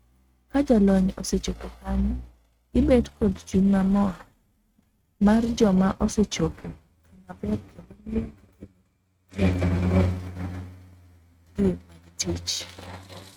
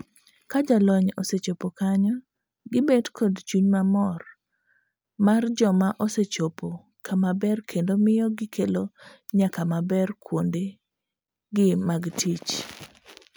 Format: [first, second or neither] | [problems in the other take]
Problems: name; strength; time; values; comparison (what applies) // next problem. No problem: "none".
second | noise reduction (neural mask model RNNoise)